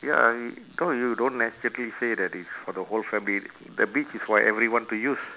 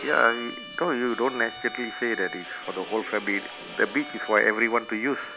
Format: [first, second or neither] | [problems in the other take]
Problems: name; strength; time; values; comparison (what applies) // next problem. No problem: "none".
first | background sound (Bowed string instrument + Bowed string instrument); 13 dB below the speech